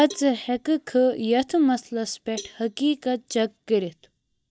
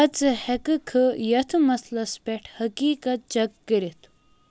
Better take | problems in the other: second | noise reduction (neural mask model DeepFilterNet 3)

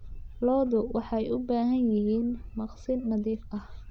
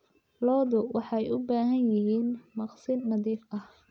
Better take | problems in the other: second | background sound (Wind / Bird); 15 dB below the speech

